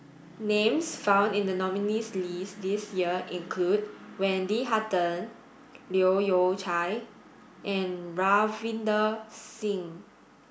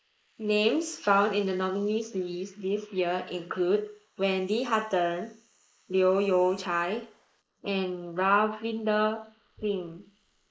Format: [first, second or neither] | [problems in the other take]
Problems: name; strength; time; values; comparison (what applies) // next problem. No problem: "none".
first | noise reduction (neural mask model Resemble Enhance denoiser)